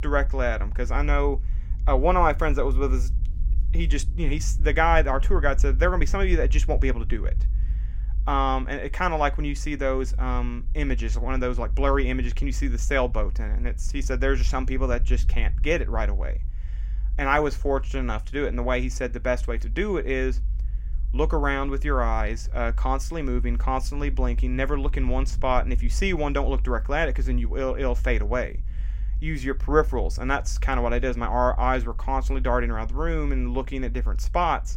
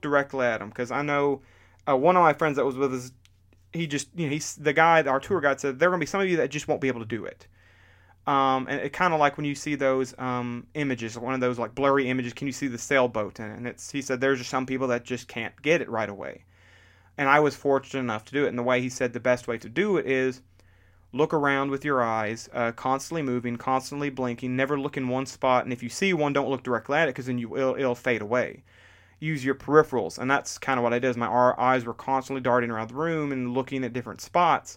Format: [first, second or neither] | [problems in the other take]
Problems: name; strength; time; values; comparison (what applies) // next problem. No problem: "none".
second | low rumble; faint; throughout; 25 dB below the speech